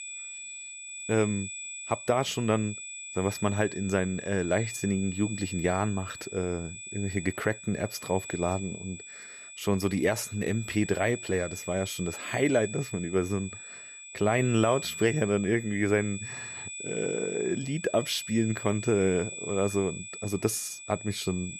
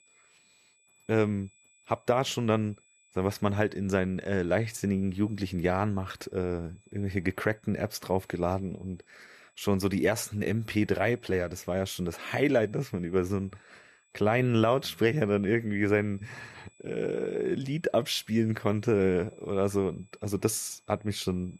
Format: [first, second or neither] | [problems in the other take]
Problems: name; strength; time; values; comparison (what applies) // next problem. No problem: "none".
second | high-pitched whine; loud; throughout; 2.5 kHz, 9 dB below the speech; faint in the second